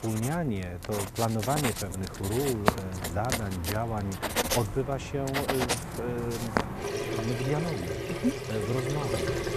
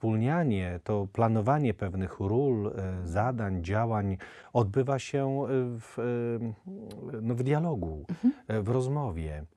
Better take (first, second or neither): second